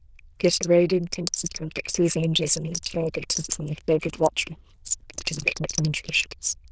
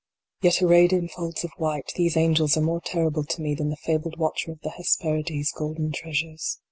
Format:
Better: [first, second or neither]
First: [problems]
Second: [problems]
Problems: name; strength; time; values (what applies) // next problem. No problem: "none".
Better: second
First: noise reduction (neural diffusion model UNIVERSE++)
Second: none